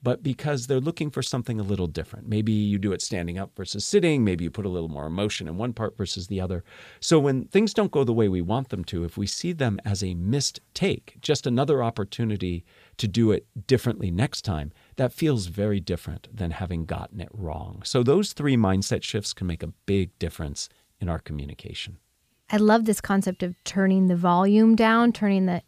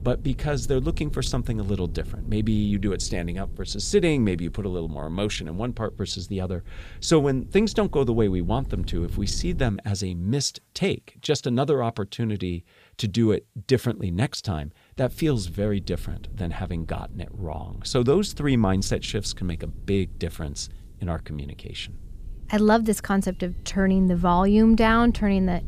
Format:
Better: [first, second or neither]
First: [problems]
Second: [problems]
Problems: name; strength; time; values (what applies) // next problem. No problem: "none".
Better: first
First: none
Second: low rumble; faint; until 9.5 s and from 15 s on; 25 dB below the speech